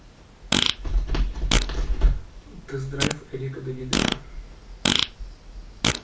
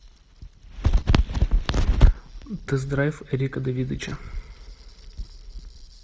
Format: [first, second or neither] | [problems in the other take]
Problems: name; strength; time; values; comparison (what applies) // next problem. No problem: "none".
second | background sound (Fart); 1 dB below the speech // room echo; dies away in 0.3 s